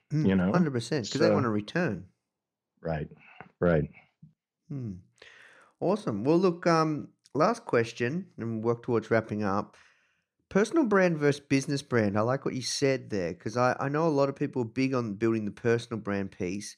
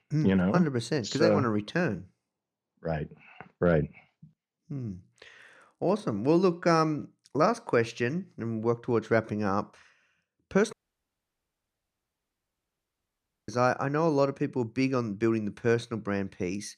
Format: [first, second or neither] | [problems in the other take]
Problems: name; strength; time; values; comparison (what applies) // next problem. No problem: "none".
first | audio cutting out; at 11 s for 3 s